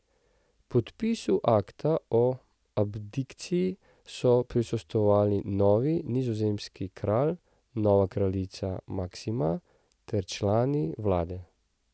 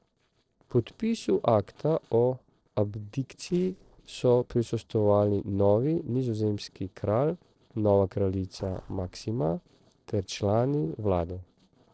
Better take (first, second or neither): first